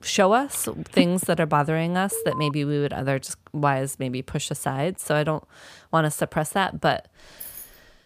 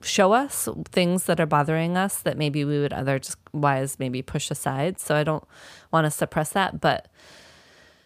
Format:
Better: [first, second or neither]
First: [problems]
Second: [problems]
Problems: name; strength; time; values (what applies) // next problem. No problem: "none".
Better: second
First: phone ringing; noticeable; at 1 s; peak 2 dB below the speech // alarm; noticeable; at 2 s; peak 8 dB below the speech // jangling keys; faint; at 7 s; peak 15 dB below the speech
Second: none